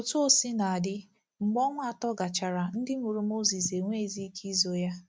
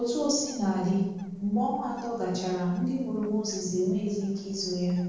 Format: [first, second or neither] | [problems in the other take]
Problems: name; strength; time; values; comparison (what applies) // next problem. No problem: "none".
first | noise reduction (neural separator model SepFormer DNS4)